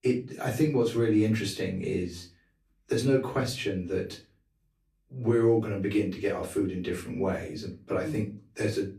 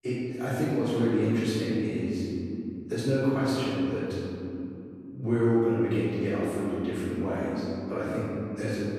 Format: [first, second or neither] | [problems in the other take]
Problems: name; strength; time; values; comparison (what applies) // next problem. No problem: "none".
first | room echo; strong; dies away in 3 s; slight in the first // off-mic speech; far; far in the first